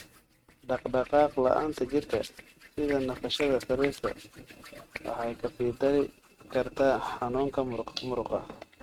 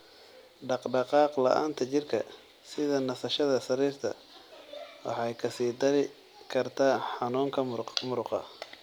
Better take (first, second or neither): second